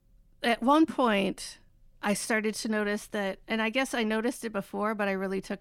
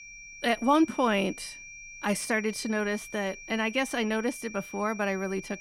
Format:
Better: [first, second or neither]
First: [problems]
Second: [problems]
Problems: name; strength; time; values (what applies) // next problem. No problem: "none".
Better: first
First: none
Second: high-pitched whine; noticeable; throughout; 2.5 kHz, 15 dB below the speech